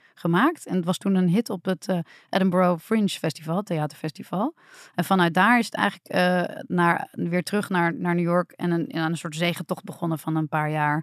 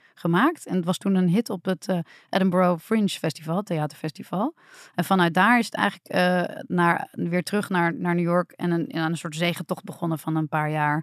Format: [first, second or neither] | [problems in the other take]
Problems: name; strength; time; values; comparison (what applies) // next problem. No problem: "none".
neither | none